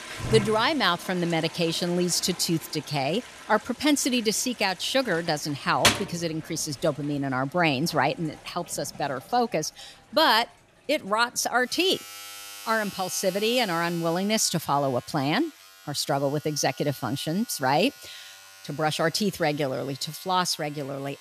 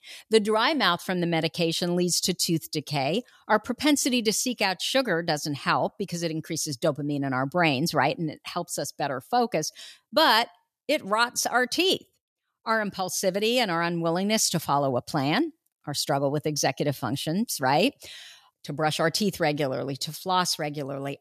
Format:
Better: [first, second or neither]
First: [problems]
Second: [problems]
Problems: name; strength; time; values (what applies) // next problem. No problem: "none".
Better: second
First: household noises; noticeable; throughout; 10 dB below the speech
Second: none